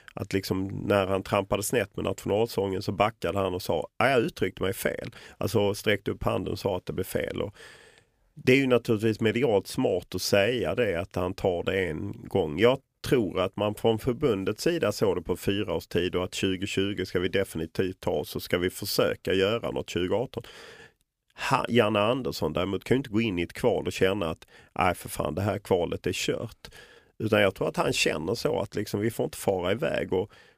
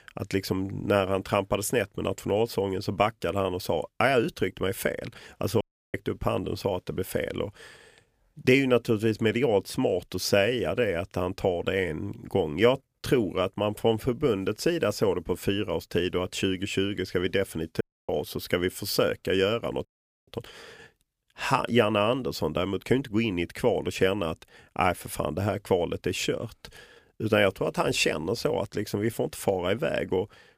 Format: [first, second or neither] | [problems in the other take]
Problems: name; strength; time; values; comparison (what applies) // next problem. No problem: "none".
first | audio cutting out; at 5.5 s, at 18 s and at 20 s